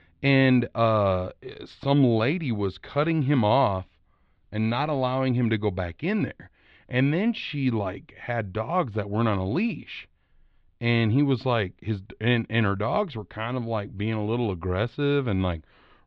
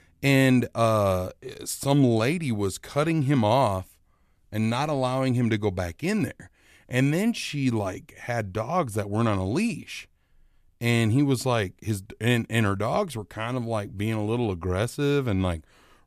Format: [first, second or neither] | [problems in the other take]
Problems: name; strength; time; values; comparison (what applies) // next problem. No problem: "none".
second | muffled; slightly; fading above 4 kHz